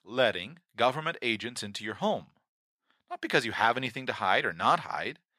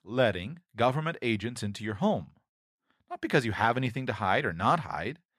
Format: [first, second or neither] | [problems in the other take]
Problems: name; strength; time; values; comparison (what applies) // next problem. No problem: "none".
second | thin; very slightly; fading below 950 Hz